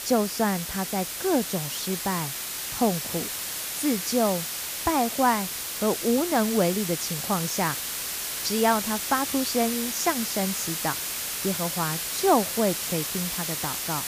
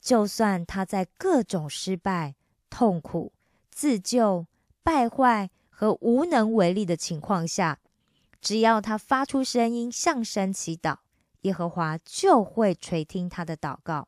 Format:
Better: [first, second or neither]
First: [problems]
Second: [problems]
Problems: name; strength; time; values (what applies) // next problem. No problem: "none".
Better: second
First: hiss; loud; throughout; 2 dB below the speech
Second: none